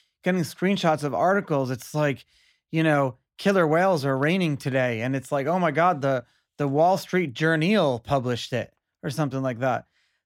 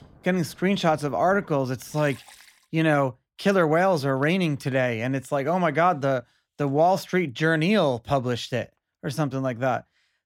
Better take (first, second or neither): first